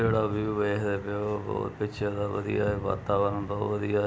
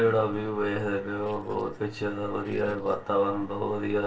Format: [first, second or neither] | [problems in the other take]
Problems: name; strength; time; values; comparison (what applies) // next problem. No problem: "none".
first | noise reduction (neural separator model SepFormer DNS4)